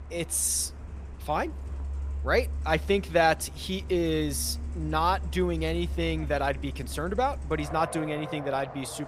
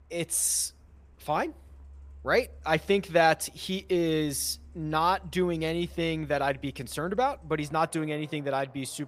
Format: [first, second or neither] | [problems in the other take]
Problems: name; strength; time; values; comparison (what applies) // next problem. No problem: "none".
second | traffic noise; loud; throughout; 9 dB below the speech; faint in the second